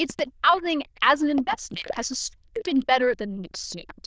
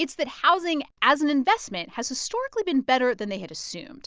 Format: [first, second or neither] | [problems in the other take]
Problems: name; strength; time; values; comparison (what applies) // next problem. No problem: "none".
second | noise reduction (neural diffusion model UNIVERSE++)